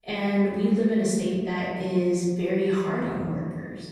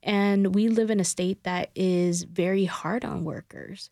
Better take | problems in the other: second | off-mic speech; far // room echo; strong; dies away in 1.6 s

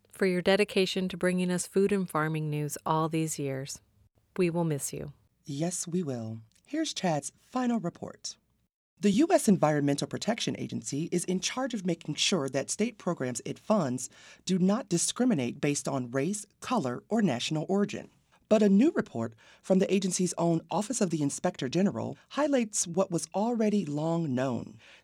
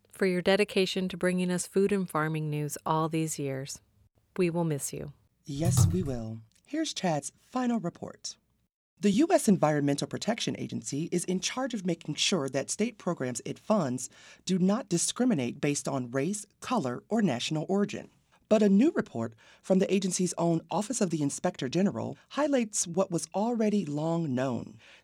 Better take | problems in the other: first | keyboard typing; loud; at 5.5 s; peak 3 dB above the speech

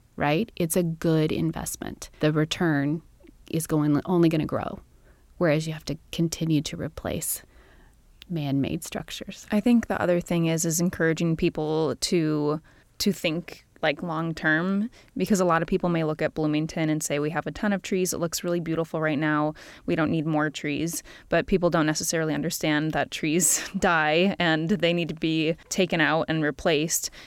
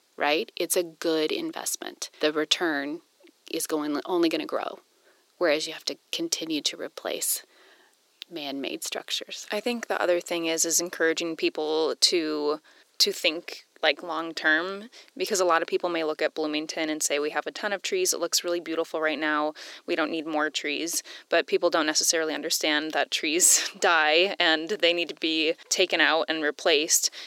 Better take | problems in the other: first | thin; somewhat; fading below 350 Hz

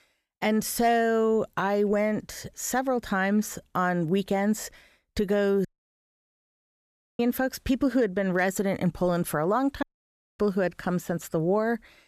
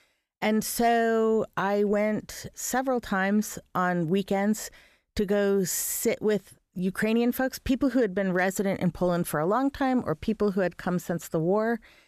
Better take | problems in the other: second | audio cutting out; at 5.5 s for 1.5 s and at 10 s for 0.5 s

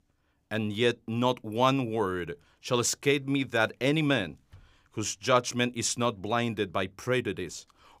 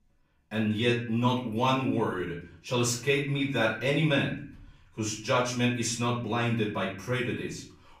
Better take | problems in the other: first | off-mic speech; far // room echo; slight; dies away in 0.5 s

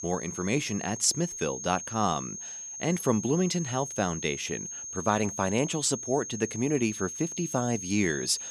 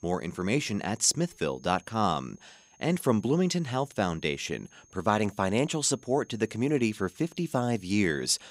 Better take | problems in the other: second | high-pitched whine; loud; throughout; 6.5 kHz, 7 dB below the speech; faint in the second

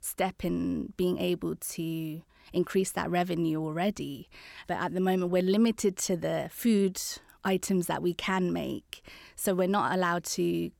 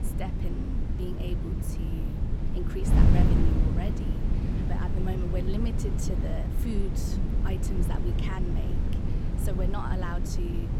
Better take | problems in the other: first | wind noise on the microphone; heavy; as loud as the speech

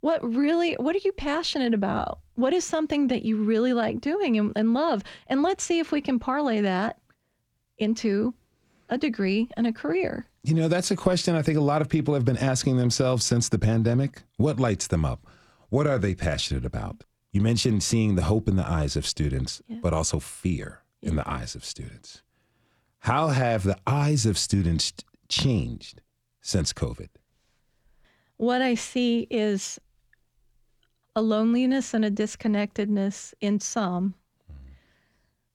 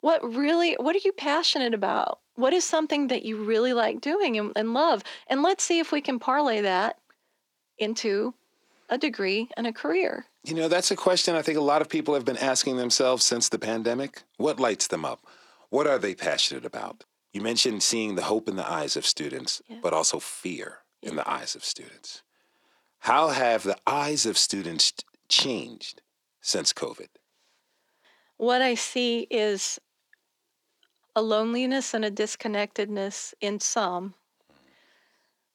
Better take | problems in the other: first | thin; somewhat; fading below 300 Hz

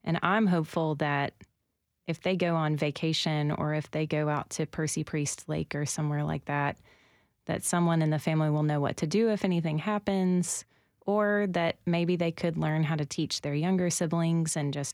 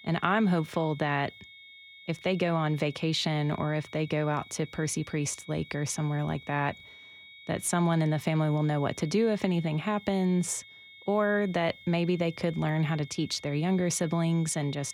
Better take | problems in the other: first | high-pitched whine; noticeable; throughout; 2 kHz, 20 dB below the speech

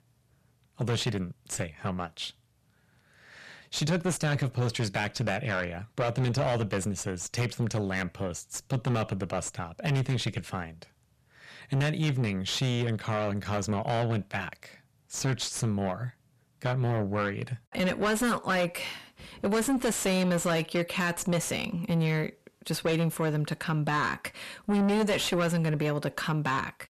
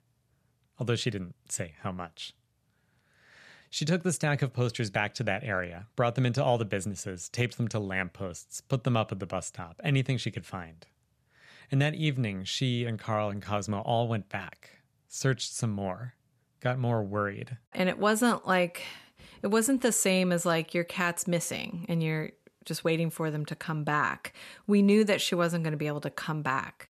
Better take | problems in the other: second | distortion; heavy; 7 dB below the speech

